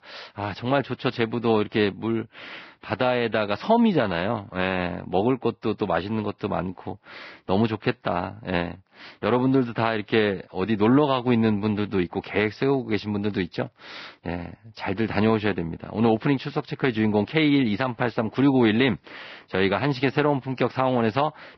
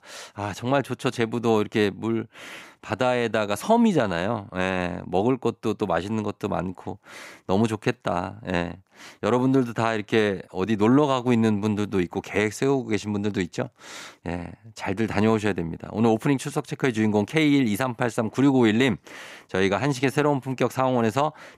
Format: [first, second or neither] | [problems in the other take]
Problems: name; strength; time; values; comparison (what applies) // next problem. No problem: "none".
second | garbled, watery; badly; nothing above 5.5 kHz